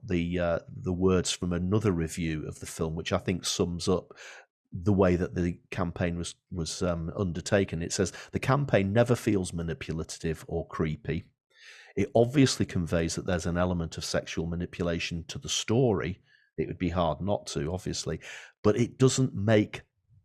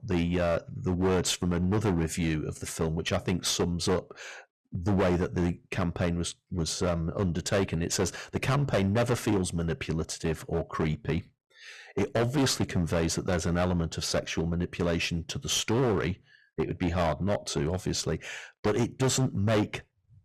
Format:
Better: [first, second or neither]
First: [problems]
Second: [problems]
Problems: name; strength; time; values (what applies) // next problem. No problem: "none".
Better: first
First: none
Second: distortion; heavy; 14% of the sound clipped